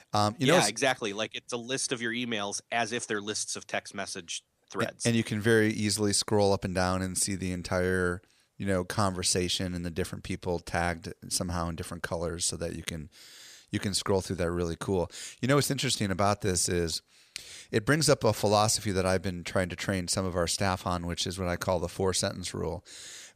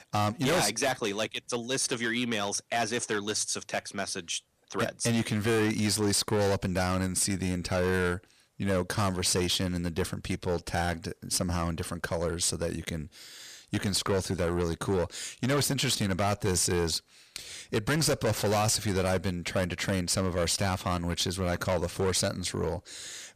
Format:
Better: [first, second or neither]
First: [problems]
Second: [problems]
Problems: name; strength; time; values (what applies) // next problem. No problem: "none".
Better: first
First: none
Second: distortion; heavy; 11% of the sound clipped